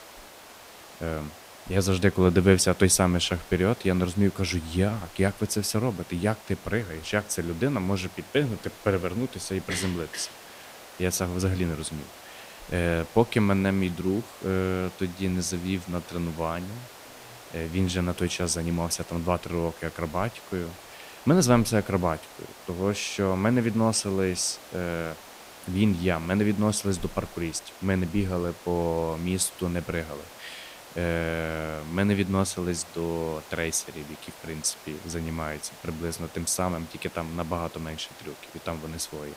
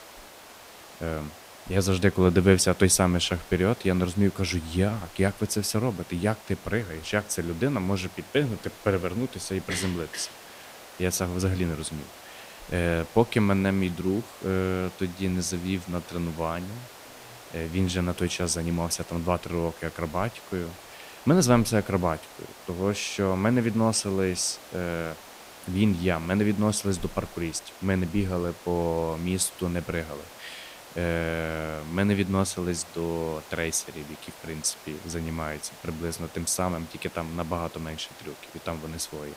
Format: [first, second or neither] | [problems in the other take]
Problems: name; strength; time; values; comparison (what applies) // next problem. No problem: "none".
neither | hiss; noticeable; throughout; 20 dB below the speech; the same in both